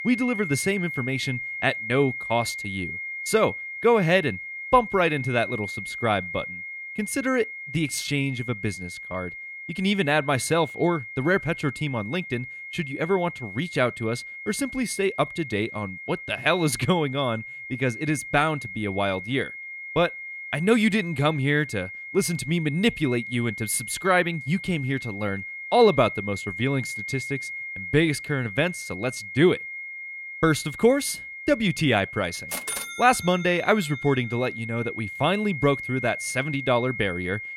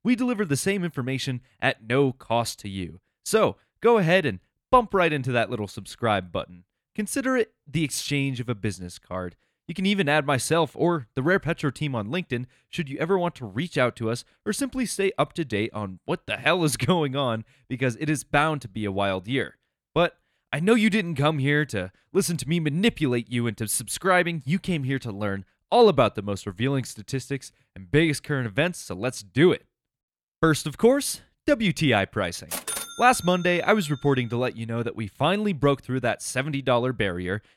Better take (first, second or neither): second